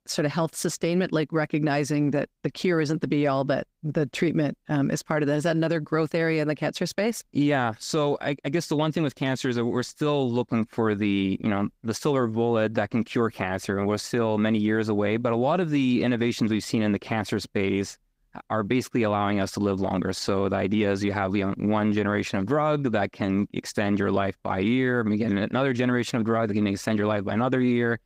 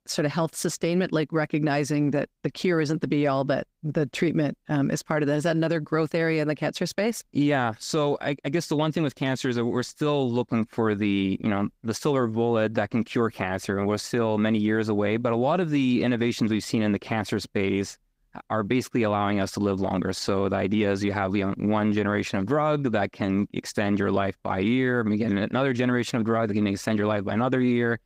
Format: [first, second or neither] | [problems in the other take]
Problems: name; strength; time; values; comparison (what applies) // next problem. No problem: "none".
neither | garbled, watery; slightly; nothing above 15.5 kHz; the same in both